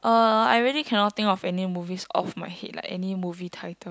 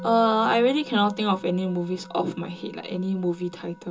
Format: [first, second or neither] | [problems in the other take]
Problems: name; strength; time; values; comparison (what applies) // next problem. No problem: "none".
first | background sound (Musical instrument); 18 dB below the speech // room echo; dies away in 0.2 s